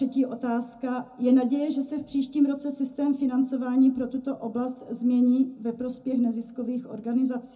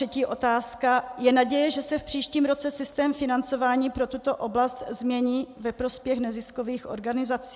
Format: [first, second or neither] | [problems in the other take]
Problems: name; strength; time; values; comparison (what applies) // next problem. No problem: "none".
second | room echo; dies away in 0.3 s